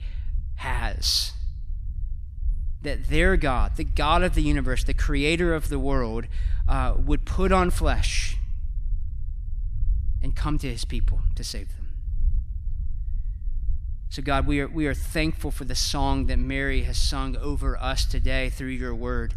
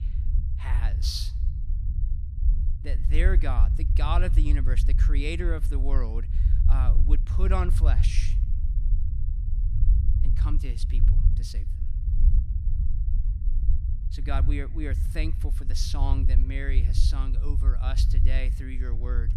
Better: first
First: low rumble; faint; throughout; 25 dB below the speech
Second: low rumble; loud; throughout; 9 dB below the speech

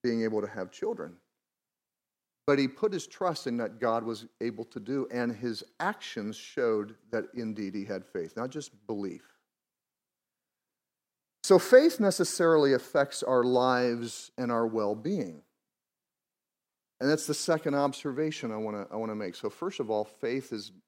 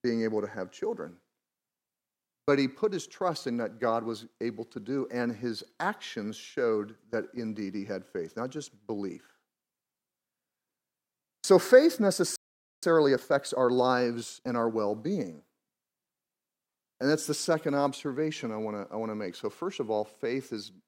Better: first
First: none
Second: audio freezing; at 12 s

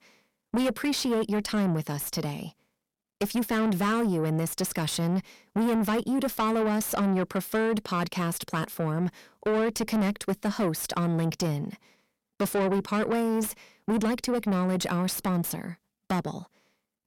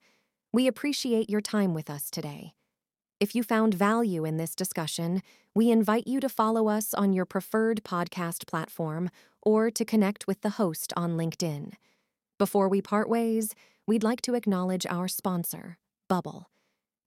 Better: second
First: distortion; heavy; 7 dB below the speech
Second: none

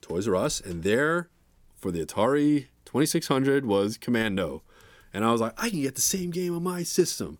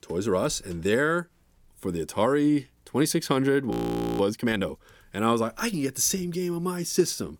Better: first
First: none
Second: audio freezing; at 3.5 s

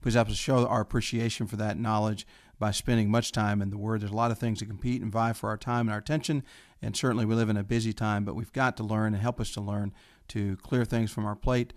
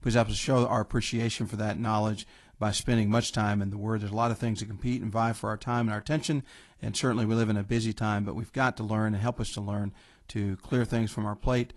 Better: first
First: none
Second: garbled, watery; slightly; nothing above 11 kHz

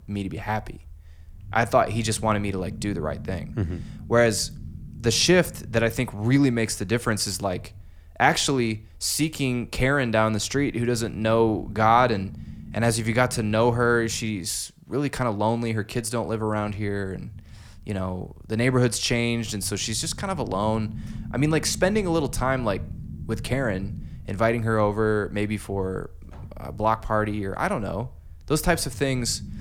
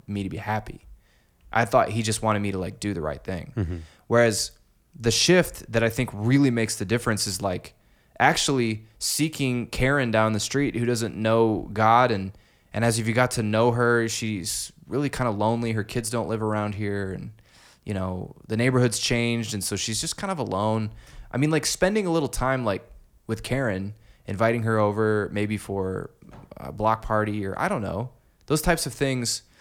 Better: second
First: low rumble; faint; until 14 s and from 16 s on; 25 dB below the speech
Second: none

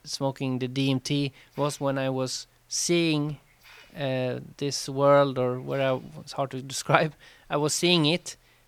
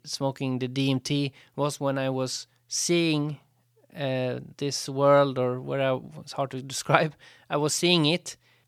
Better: second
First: hiss; faint; throughout; 30 dB below the speech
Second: none

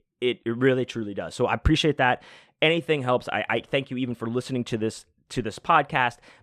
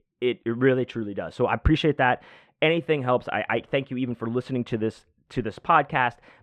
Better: first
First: none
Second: muffled; slightly; fading above 4 kHz

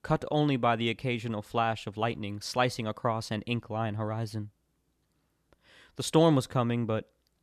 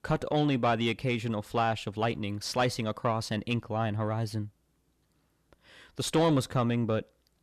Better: first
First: none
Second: distortion; slight; 10 dB below the speech

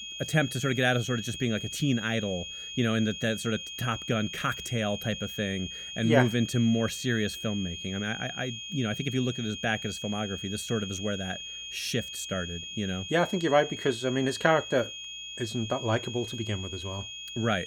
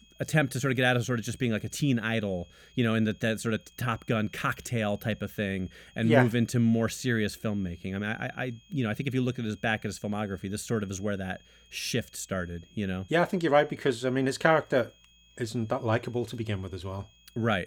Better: second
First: high-pitched whine; loud; throughout; 3 kHz, 7 dB below the speech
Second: high-pitched whine; faint; throughout; 3 kHz, 30 dB below the speech

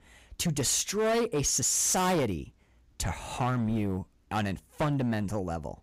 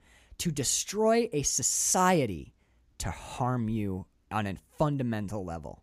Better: second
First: distortion; heavy; 13% of the sound clipped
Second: none

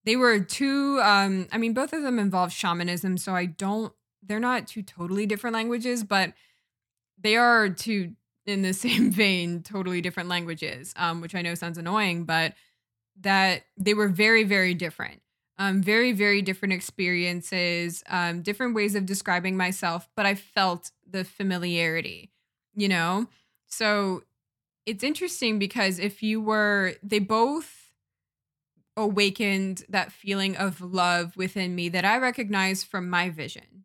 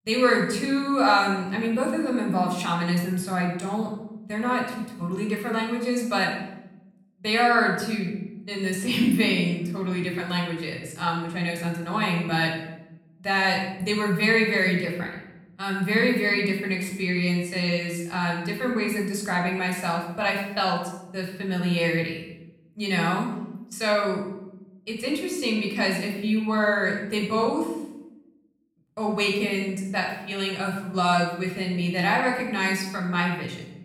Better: first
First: none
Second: off-mic speech; somewhat distant // room echo; noticeable; dies away in 0.8 s

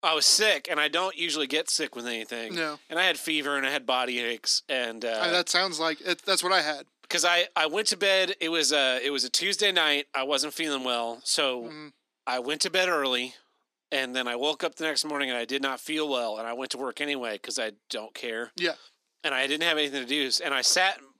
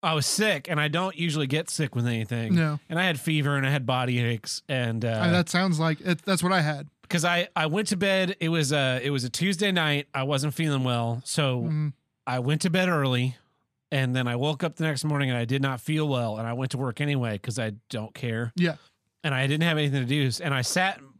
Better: second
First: thin; very; fading below 300 Hz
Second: none

